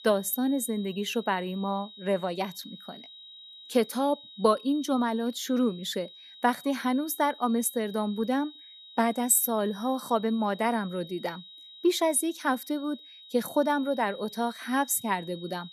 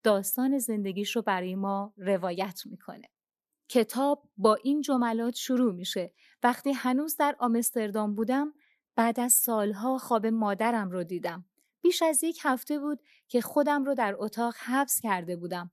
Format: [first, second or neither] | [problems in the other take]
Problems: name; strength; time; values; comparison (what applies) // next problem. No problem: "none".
second | high-pitched whine; noticeable; throughout; 4 kHz, 20 dB below the speech